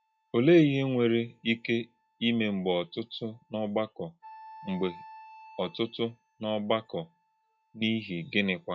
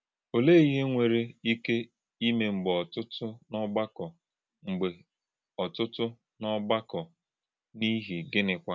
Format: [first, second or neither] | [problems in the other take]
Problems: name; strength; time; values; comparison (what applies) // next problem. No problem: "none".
second | noise reduction (classical method log-MMSE)